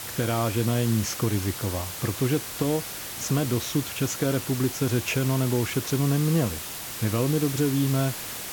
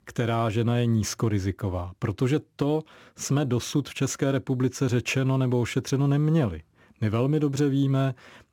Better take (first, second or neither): second